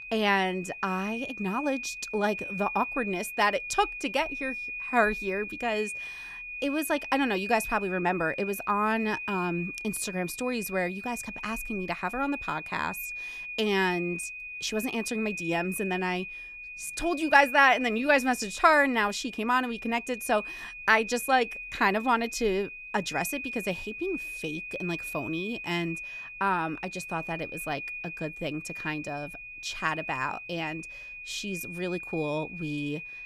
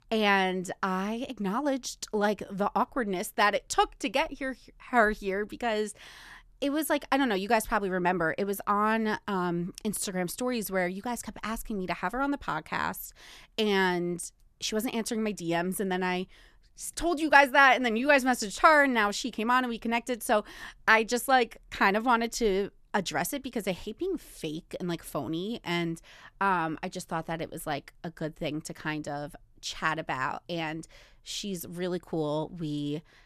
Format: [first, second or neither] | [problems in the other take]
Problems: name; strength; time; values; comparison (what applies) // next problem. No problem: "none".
second | high-pitched whine; loud; throughout; 2.5 kHz, 8 dB below the speech